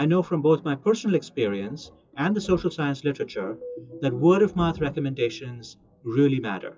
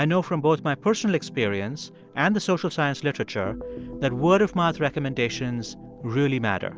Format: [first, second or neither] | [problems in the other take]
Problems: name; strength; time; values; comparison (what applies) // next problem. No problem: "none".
second | noise reduction (classical method WPE with log-MMSE)